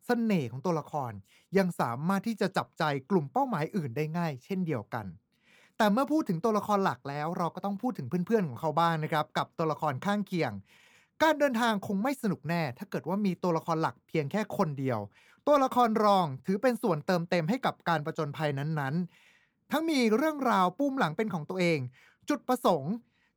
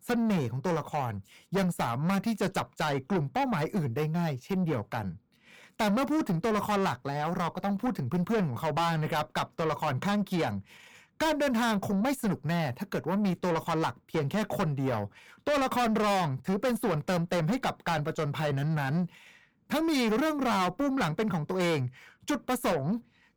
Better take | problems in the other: first | distortion; heavy; 6 dB below the speech

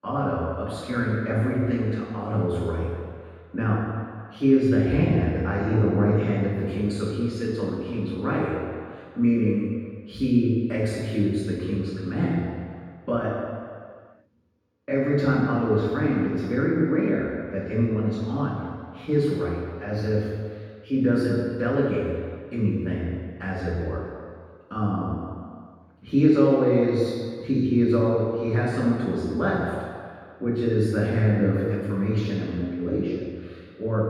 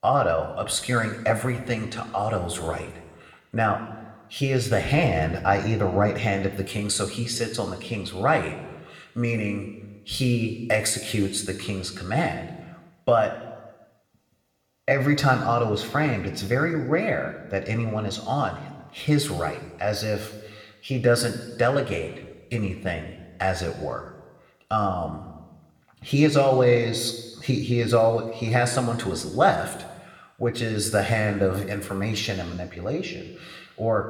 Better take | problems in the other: second | room echo; strong; dies away in 1.8 s; slight in the second // off-mic speech; far

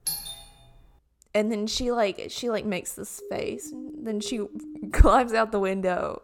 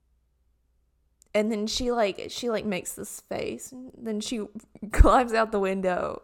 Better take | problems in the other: second | doorbell; noticeable; at the start; peak 4 dB below the speech // siren; faint; from 3 to 5 s; peak 15 dB below the speech

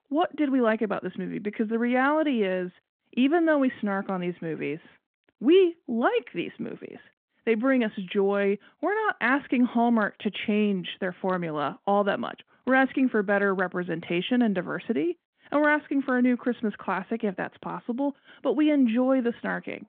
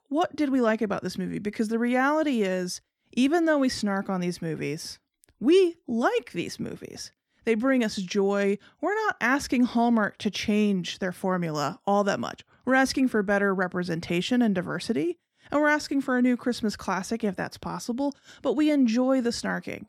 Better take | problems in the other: second | phone-call audio

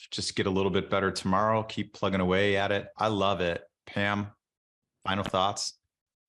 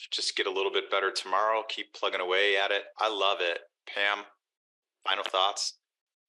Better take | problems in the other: first | thin; very; fading below 350 Hz

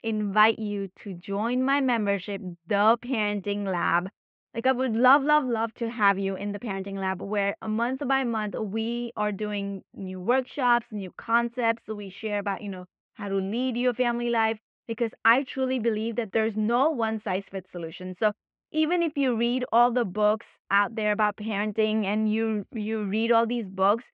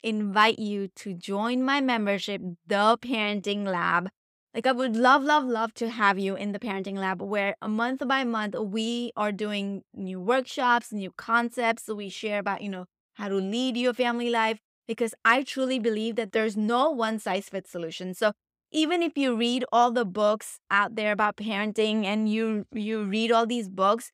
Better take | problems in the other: second | muffled; very; fading above 2.5 kHz

